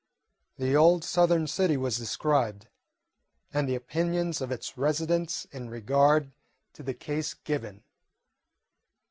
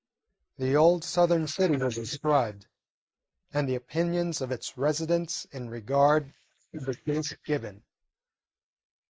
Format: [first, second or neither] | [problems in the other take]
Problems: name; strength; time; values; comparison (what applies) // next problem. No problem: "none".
first | noise reduction (neural mask model Resemble Enhance denoiser)